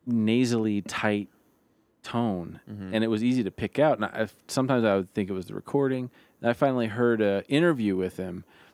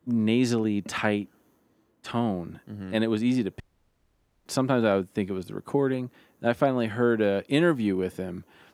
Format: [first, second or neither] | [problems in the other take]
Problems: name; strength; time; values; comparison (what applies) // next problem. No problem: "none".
first | audio cutting out; at 3.5 s for 1 s